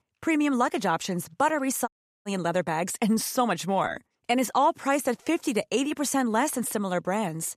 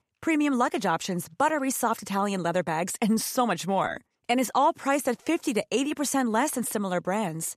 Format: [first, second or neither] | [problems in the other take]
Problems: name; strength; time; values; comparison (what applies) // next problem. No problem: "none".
second | audio cutting out; at 2 s